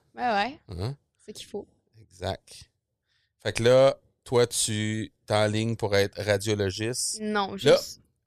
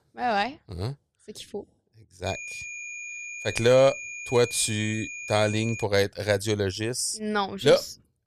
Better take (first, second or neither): first